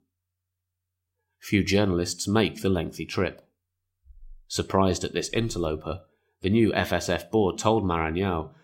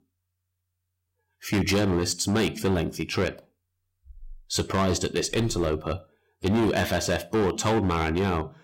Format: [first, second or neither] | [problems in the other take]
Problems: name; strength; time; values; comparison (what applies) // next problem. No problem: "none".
first | distortion; heavy; 10% of the sound clipped